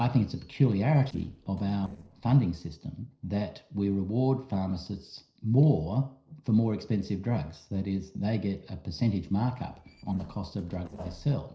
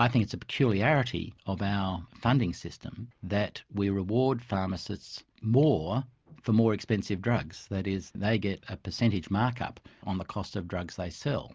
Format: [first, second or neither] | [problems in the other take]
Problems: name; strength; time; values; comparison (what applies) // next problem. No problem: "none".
second | noise reduction (neural separator model SepFormer DNS4)